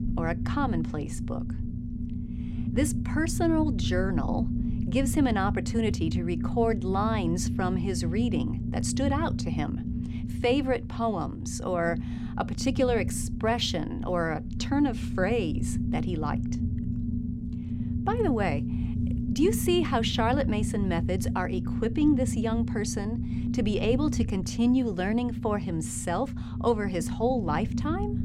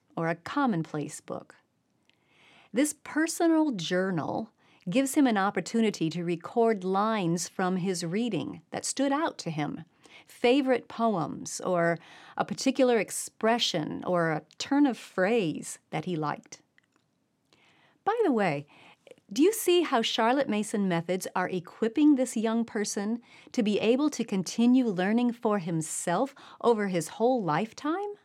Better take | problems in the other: second | low rumble; loud; throughout; 9 dB below the speech

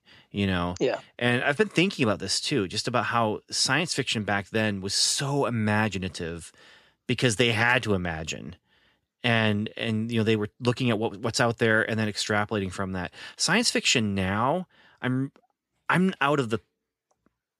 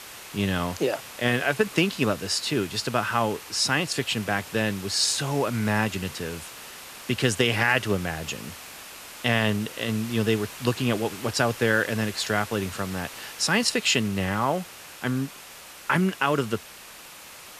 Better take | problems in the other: first | hiss; noticeable; throughout; 15 dB below the speech

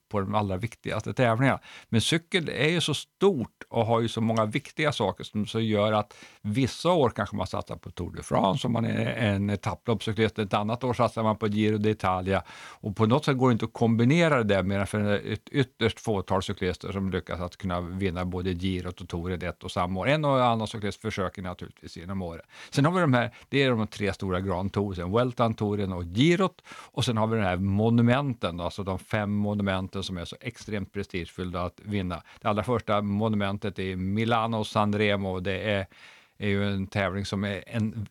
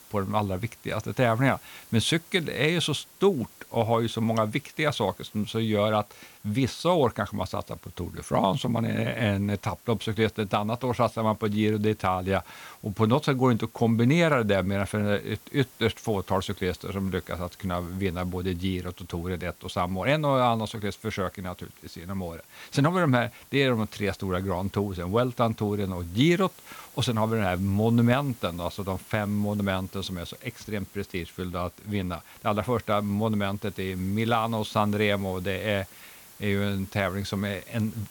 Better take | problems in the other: first | hiss; faint; throughout; 20 dB below the speech

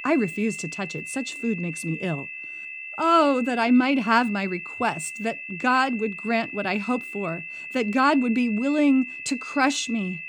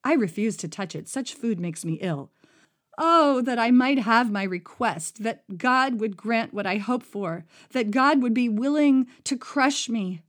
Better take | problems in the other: second | high-pitched whine; loud; throughout; 2.5 kHz, 10 dB below the speech

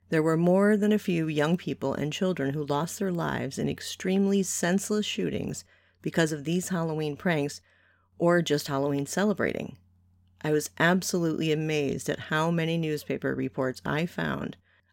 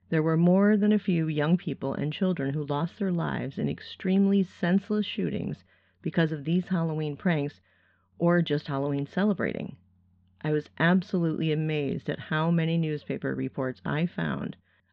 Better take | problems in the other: first | muffled; very; fading above 4 kHz

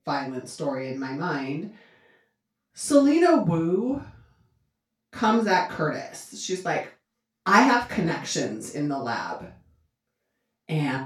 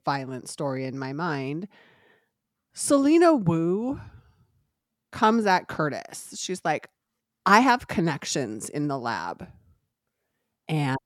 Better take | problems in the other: second | room echo; noticeable; dies away in 0.3 s // off-mic speech; far

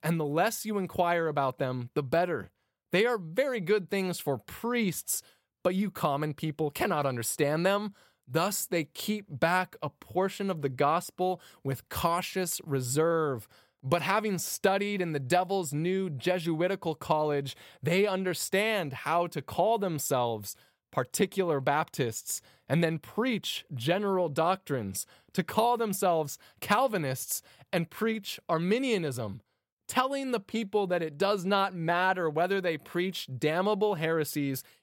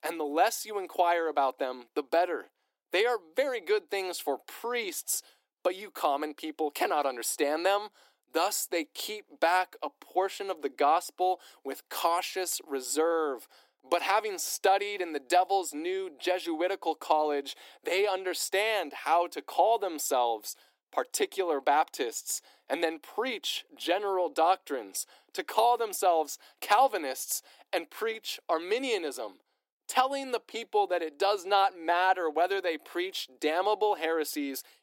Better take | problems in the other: first | thin; somewhat; fading below 300 Hz

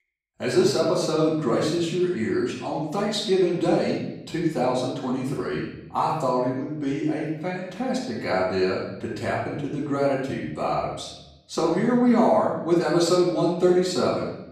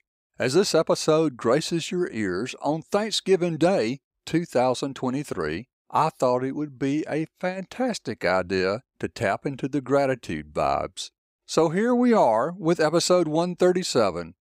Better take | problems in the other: second | room echo; noticeable; dies away in 0.9 s // off-mic speech; far

